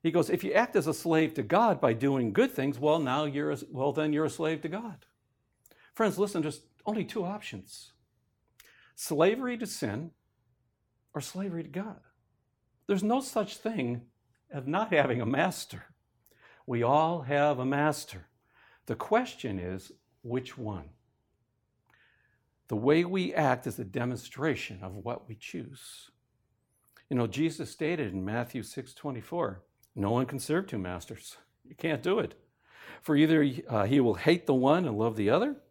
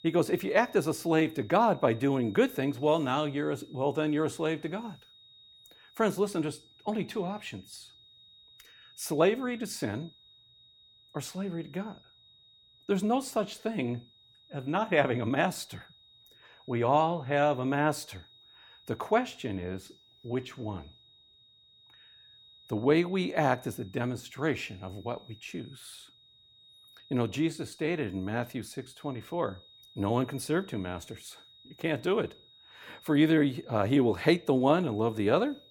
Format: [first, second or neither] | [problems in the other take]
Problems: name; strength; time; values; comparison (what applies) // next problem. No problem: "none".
first | high-pitched whine; faint; throughout; 3.5 kHz, 25 dB below the speech